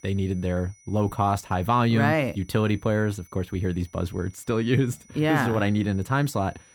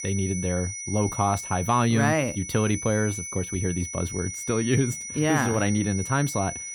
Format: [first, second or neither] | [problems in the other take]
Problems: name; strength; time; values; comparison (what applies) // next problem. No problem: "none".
first | high-pitched whine; loud; throughout; 6 kHz, 7 dB below the speech; faint in the first